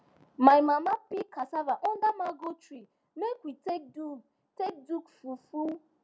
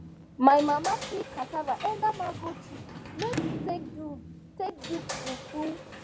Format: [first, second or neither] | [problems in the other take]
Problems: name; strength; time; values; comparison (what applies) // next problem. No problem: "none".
first | background sound (Sliding door / Slam); 9 dB below the speech